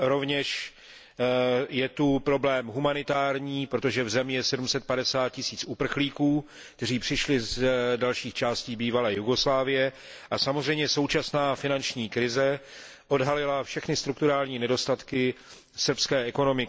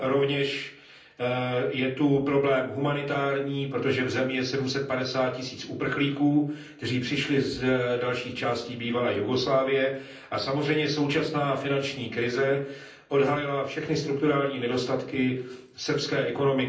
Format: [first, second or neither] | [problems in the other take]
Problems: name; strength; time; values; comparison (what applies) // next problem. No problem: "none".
first | room echo; dies away in 0.6 s